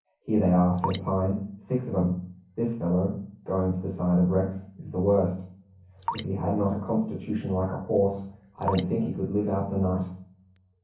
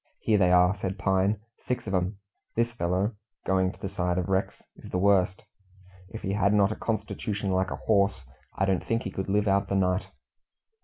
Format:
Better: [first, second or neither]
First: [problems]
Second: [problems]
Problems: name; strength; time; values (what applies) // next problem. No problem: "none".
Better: second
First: background sound (Drip); 14 dB below the speech // room echo; dies away in 0.6 s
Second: none